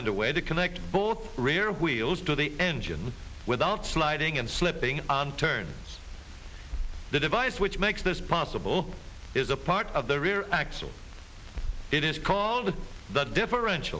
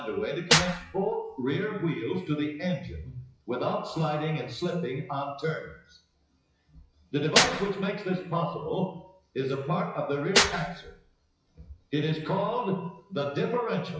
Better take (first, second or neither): first